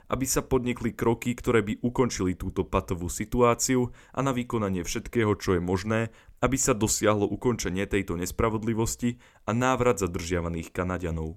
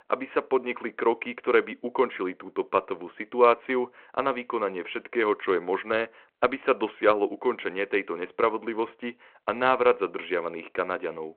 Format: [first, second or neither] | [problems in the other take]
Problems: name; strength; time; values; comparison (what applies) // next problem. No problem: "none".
first | phone-call audio